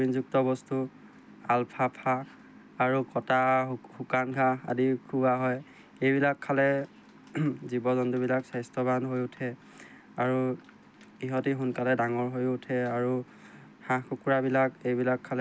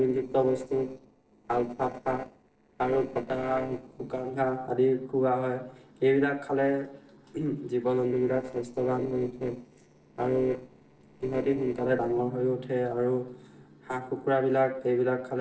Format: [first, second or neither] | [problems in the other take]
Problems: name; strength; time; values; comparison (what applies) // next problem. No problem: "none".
first | noise reduction (neural separator model SepFormer DNS4)